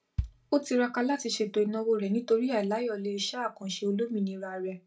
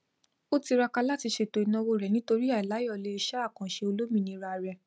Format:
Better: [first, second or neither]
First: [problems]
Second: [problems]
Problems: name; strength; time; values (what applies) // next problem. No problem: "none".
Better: second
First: background sound (Bass drum); 13 dB below the speech // room echo; dies away in 0.2 s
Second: none